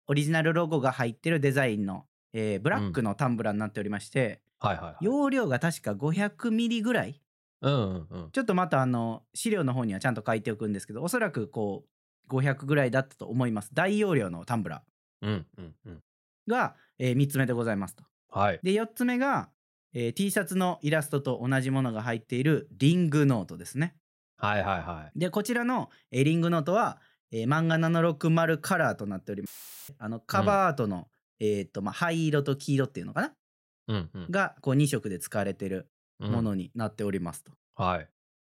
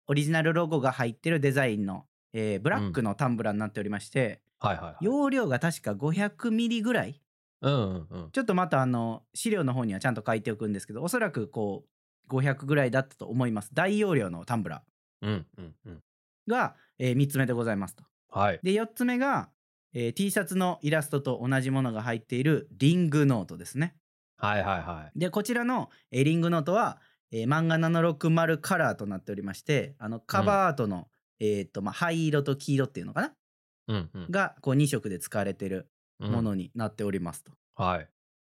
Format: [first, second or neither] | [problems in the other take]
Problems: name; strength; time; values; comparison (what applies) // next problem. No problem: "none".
second | audio cutting out; filled with static; at 29 s